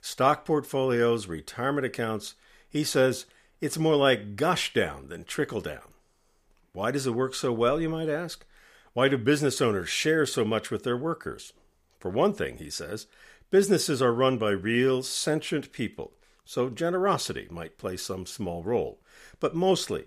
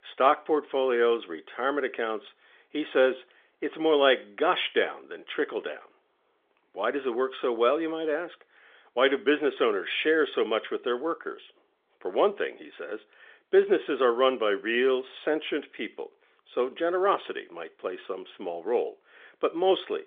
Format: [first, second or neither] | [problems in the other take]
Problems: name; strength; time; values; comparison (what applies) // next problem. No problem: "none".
first | phone-call audio; nothing above 3.5 kHz